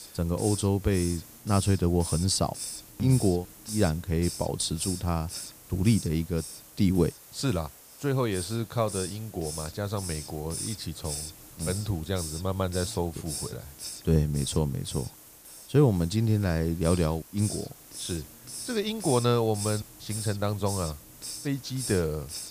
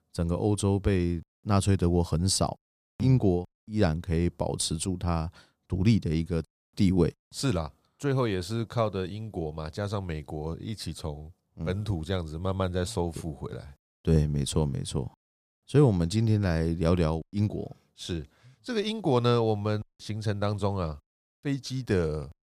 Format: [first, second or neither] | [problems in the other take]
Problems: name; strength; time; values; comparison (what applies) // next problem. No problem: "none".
second | hiss; loud; throughout; 10 dB below the speech